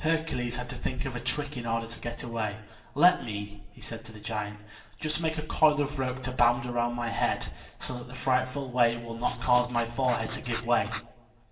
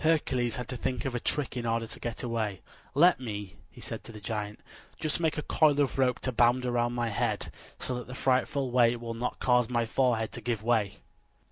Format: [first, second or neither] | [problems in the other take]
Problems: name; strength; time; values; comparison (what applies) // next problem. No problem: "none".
second | background sound (Writing); 11 dB below the speech // room echo; dies away in 0.7 s